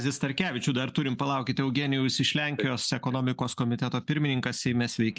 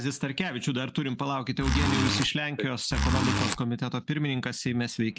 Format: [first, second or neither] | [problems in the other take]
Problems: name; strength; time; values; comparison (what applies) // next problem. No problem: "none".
first | background sound (Zipper (clothing)); 3 dB above the speech